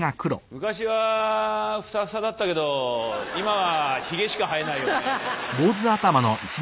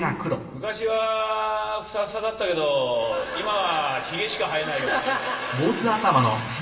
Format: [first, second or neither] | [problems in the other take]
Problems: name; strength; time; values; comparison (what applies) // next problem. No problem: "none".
first | room echo; dies away in 1 s